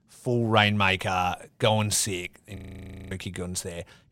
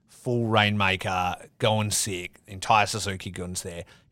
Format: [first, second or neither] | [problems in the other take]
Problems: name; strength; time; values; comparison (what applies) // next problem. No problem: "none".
second | audio freezing; at 2.5 s for 0.5 s